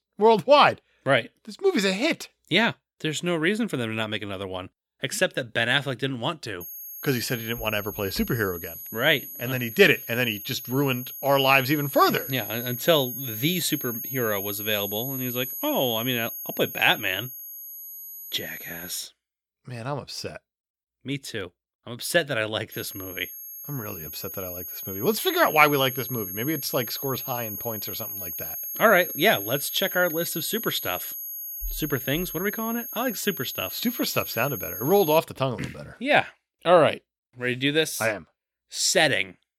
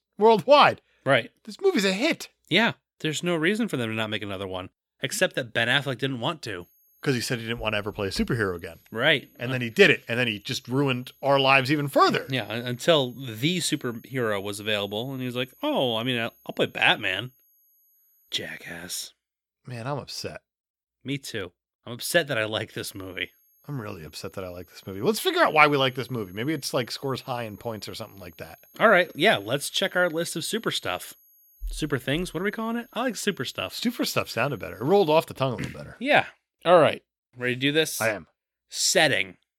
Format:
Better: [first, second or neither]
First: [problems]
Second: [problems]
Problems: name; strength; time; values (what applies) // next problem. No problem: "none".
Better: second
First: high-pitched whine; loud; from 6.5 to 19 s and from 23 to 35 s; 11.5 kHz, 8 dB below the speech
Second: high-pitched whine; faint; from 6.5 to 19 s and from 23 to 35 s; 11.5 kHz, 30 dB below the speech